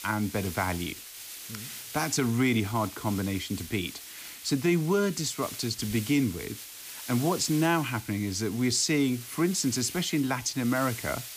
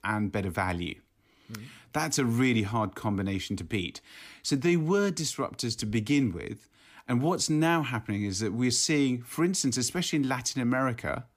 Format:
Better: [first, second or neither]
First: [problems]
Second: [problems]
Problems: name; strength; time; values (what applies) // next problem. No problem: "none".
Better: second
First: hiss; noticeable; throughout; 10 dB below the speech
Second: none